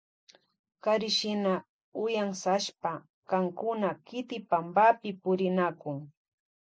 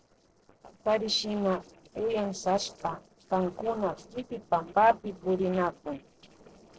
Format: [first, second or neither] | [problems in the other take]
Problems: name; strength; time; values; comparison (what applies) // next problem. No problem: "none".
first | noise reduction (neural separator model SepFormer DNS4)